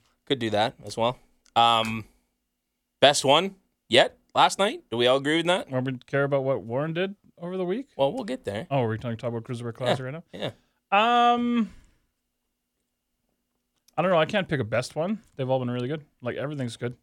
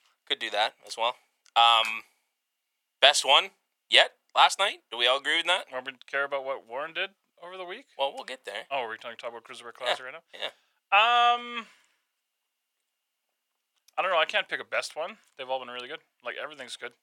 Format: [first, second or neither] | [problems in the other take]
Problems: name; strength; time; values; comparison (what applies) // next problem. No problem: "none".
first | thin; very; fading below 900 Hz